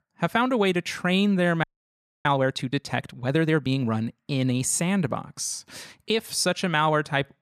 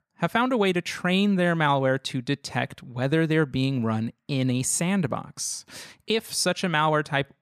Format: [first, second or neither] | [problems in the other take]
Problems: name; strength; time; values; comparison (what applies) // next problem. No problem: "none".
second | audio freezing; at 1.5 s for 0.5 s